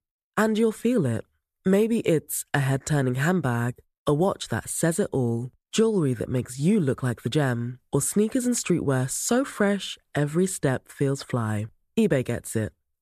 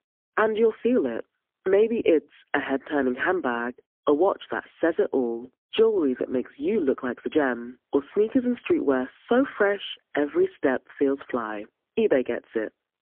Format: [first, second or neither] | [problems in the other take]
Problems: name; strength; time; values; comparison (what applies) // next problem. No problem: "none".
first | phone-call audio; poor line; nothing above 3.5 kHz